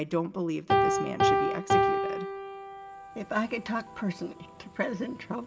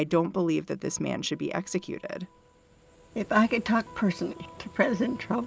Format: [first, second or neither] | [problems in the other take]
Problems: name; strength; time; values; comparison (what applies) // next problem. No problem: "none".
second | background sound (Piano); 4 dB above the speech // room echo; dies away in 0.4 s